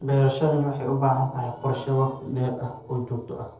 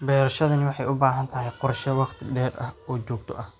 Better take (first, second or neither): second